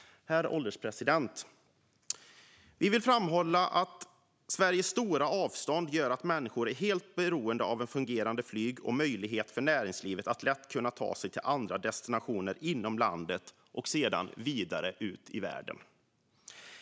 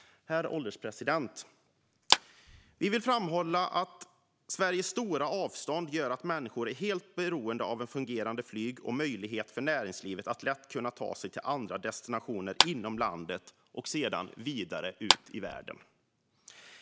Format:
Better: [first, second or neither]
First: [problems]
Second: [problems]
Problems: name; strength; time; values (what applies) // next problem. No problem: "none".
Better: first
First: none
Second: background sound (Clapping); 2 dB above the speech